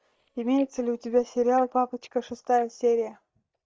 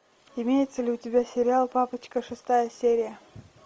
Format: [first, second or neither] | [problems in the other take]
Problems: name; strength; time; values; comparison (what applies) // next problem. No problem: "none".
second | noise reduction (neural mask model DeepFilterNet 3)